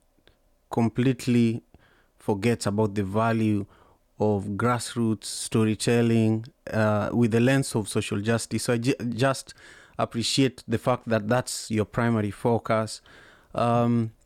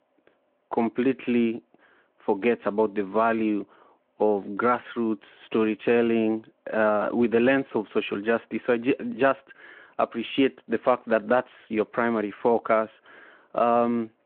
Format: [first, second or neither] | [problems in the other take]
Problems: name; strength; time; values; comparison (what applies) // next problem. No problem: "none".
first | phone-call audio